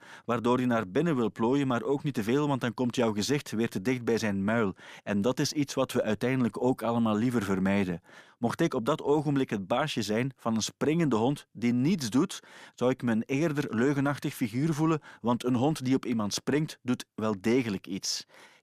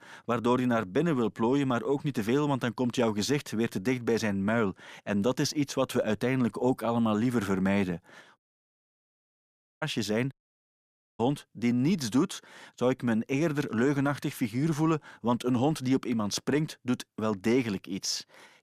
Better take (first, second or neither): first